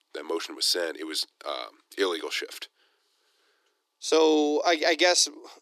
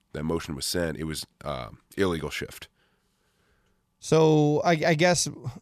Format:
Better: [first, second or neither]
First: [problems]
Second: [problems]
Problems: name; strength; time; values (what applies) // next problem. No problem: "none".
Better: second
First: thin; somewhat; fading below 300 Hz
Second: none